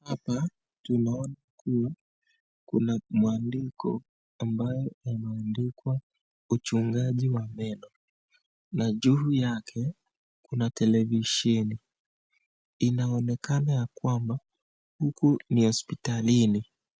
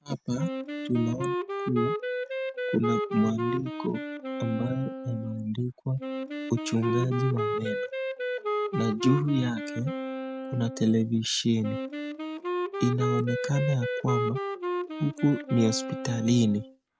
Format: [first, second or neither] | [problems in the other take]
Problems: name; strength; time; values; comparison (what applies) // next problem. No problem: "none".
first | background sound (Wind instrument, woodwind instrument); 4 dB below the speech